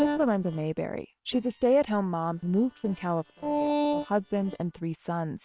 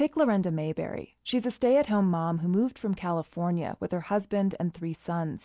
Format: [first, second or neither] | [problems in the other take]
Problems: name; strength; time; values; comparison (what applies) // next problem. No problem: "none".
second | noise reduction (neural separator model SepFormer WHAM!)